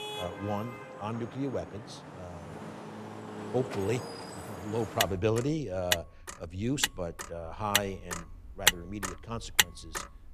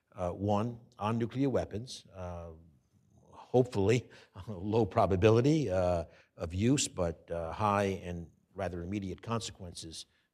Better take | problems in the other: second | traffic noise; very loud; throughout; 2 dB above the speech

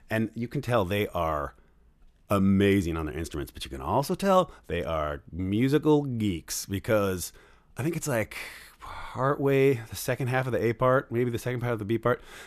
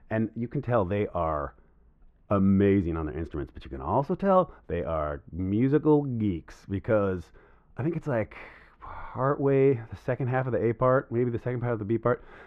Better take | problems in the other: first | muffled; very; fading above 4 kHz

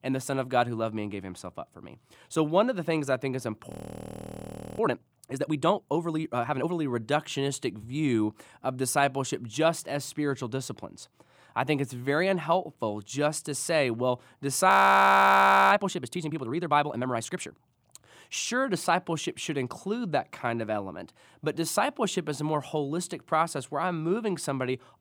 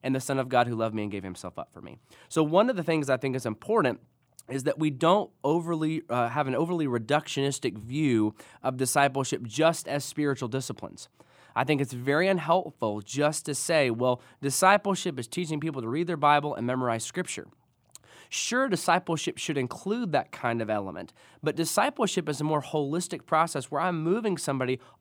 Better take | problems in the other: second | audio freezing; at 3.5 s for 1 s and at 15 s for 1 s

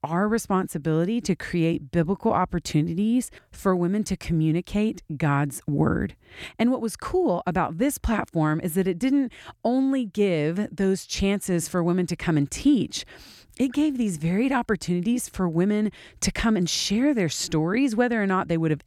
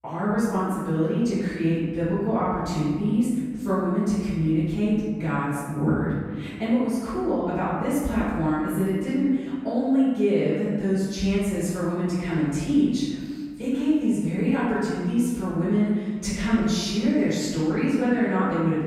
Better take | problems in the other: first | off-mic speech; far // room echo; strong; dies away in 1.5 s

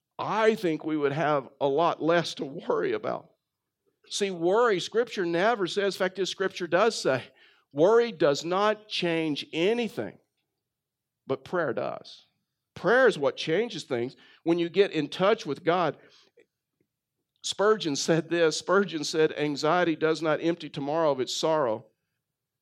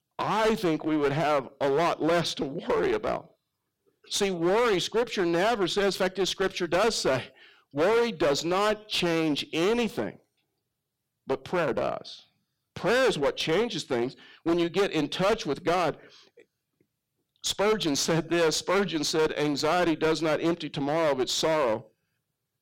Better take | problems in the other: first | distortion; heavy; 16% of the sound clipped

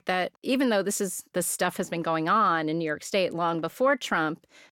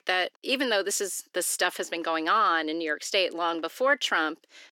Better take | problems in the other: first | thin; somewhat; fading below 350 Hz

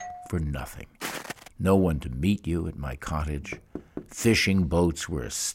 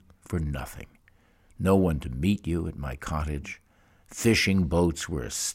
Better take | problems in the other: second | doorbell; faint; at the start; peak 15 dB below the speech // footsteps; noticeable; at 1 s; peak 7 dB below the speech // door banging; faint; at 3.5 s; peak 15 dB below the speech

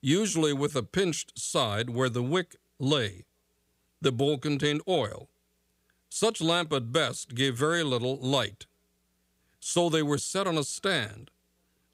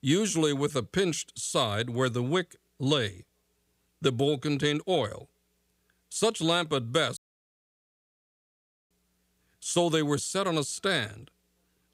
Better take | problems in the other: first | audio cutting out; at 7 s for 1.5 s

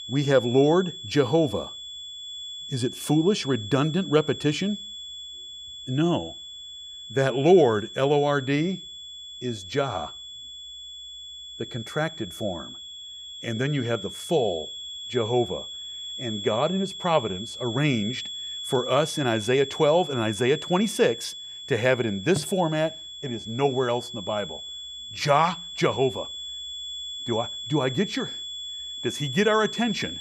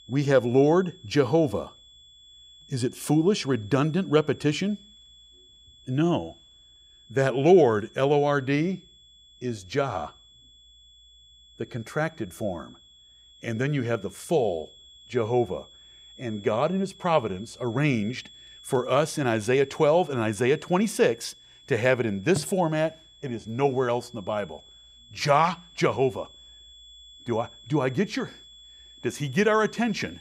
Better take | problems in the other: second | high-pitched whine; loud; throughout; 3.5 kHz, 10 dB below the speech; faint in the second

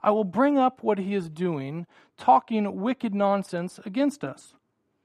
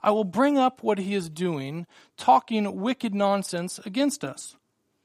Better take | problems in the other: second | muffled; slightly; fading above 3 kHz

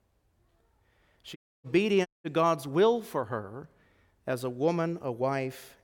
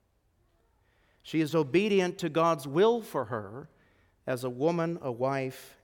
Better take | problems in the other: second | audio cutting out; at 1.5 s and at 2 s

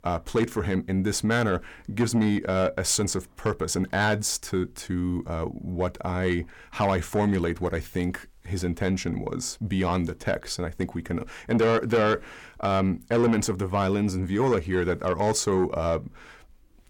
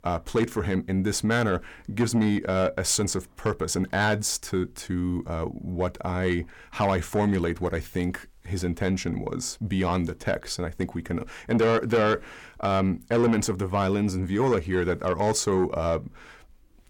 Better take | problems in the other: neither | distortion; slight; 10 dB below the speech; the same in both

